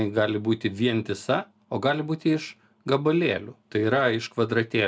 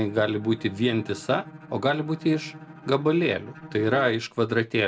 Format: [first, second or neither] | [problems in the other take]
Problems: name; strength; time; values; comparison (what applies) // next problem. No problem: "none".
first | background sound (Bowed string instrument); 18 dB below the speech